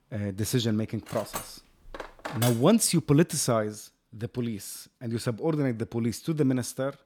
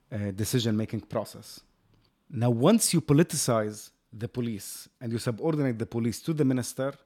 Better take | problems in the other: second | clattering dishes; noticeable; from 1 to 2.5 s; peak 6 dB below the speech

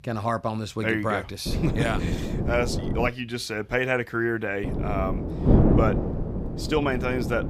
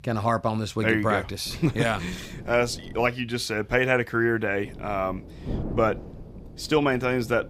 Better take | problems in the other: second | wind noise on the microphone; heavy; from 1.5 to 3 s and from 4.5 s on; 5 dB below the speech; occasional gusts in the second

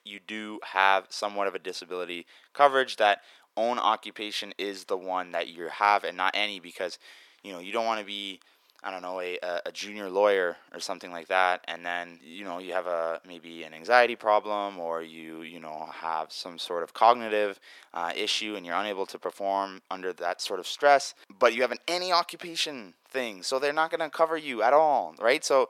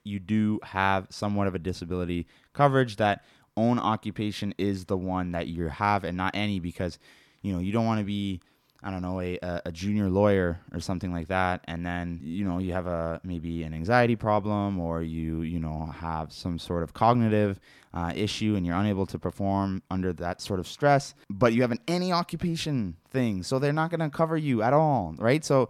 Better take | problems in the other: second | thin; very; fading below 450 Hz

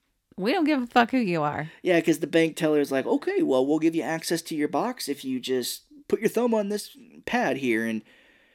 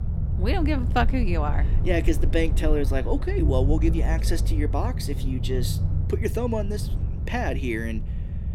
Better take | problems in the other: first | low rumble; noticeable; throughout; 10 dB below the speech

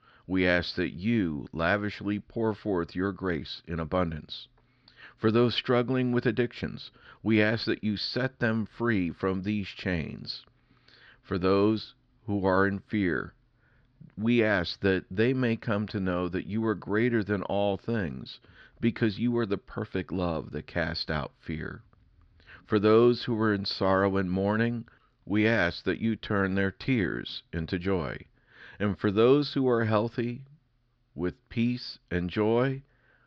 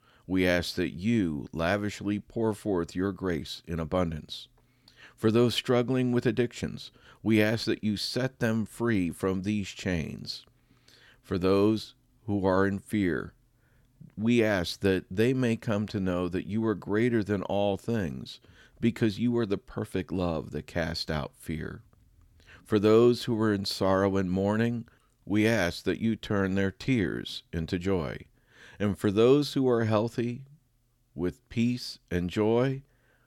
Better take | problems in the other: second | muffled; very slightly; fading above 4.5 kHz

